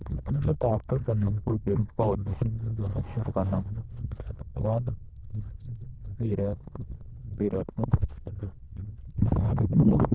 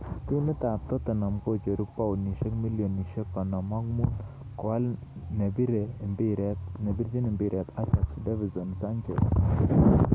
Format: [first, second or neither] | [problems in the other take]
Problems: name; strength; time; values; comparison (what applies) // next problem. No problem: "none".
second | noise reduction (neural diffusion model UNIVERSE++)